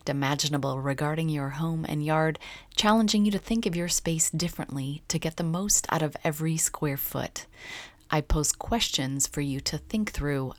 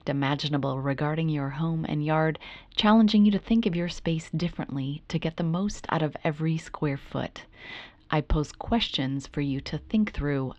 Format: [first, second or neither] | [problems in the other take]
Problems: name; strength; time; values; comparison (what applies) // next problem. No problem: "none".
first | muffled; slightly; fading above 3.5 kHz